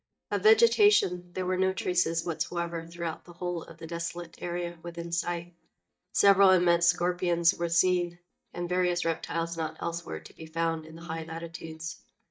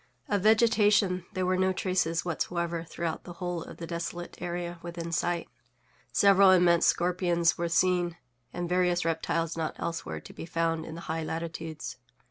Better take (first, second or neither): second